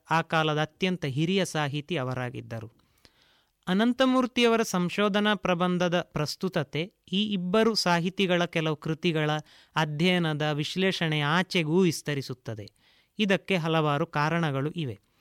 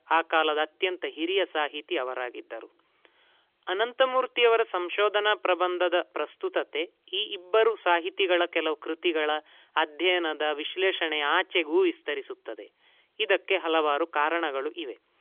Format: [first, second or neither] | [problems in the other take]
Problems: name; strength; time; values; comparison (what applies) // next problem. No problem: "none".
first | phone-call audio; nothing above 3.5 kHz